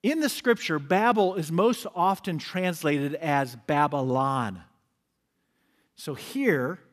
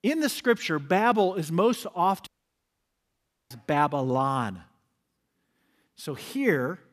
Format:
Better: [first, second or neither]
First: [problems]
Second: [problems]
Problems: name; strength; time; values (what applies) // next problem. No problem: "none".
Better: first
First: none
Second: audio cutting out; at 2.5 s for 1 s